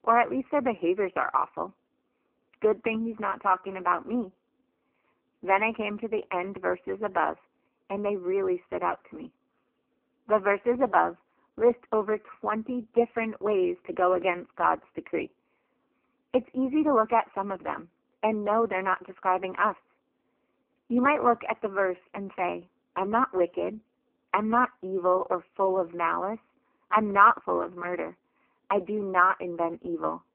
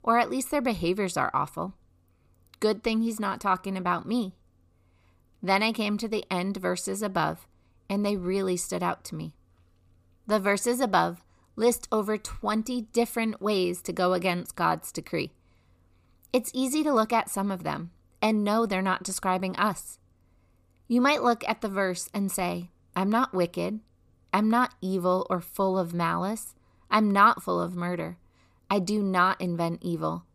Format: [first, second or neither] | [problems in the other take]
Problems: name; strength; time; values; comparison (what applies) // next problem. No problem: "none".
second | phone-call audio; poor line